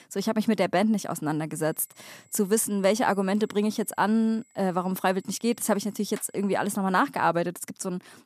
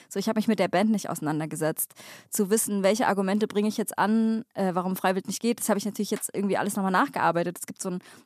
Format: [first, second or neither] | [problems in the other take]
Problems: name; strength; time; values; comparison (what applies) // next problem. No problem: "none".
second | high-pitched whine; faint; from 1.5 to 7 s; 7.5 kHz, 35 dB below the speech